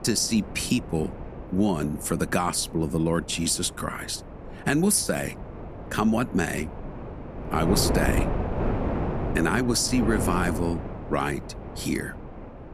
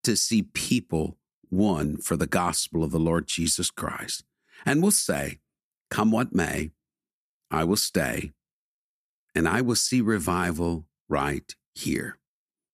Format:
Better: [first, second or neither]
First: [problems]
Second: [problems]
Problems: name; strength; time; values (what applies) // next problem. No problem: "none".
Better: second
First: wind noise on the microphone; heavy; 9 dB below the speech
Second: none